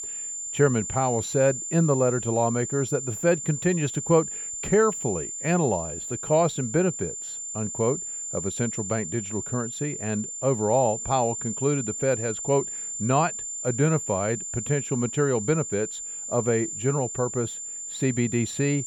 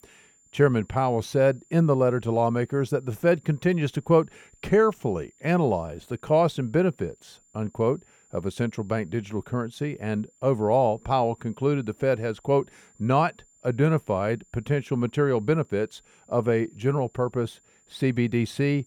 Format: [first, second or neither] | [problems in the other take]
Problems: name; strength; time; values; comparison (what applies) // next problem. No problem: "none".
second | high-pitched whine; loud; throughout; 7 kHz, 5 dB below the speech; faint in the second